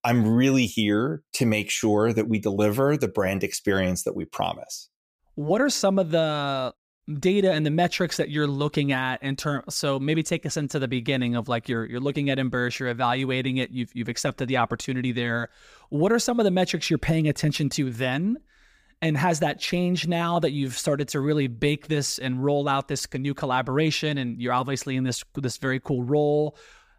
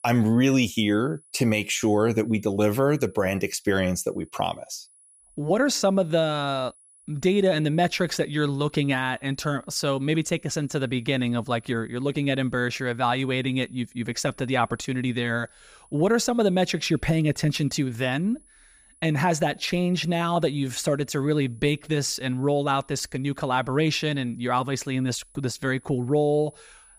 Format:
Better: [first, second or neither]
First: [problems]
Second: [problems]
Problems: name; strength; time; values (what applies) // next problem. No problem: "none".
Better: first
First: none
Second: high-pitched whine; faint; throughout; 10 kHz, 30 dB below the speech